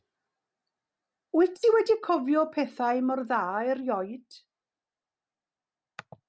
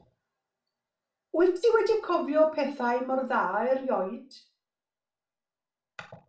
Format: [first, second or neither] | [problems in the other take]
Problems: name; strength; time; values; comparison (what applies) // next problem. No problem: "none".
first | room echo; dies away in 0.3 s